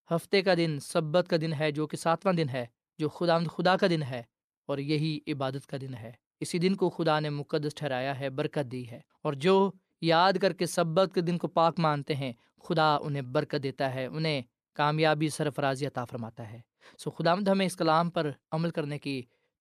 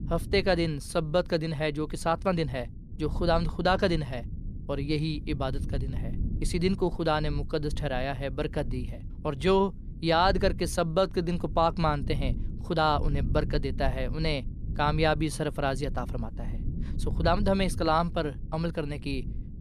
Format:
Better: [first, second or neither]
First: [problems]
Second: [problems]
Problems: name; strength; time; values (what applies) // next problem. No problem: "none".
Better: first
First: none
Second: low rumble; faint; throughout; 20 dB below the speech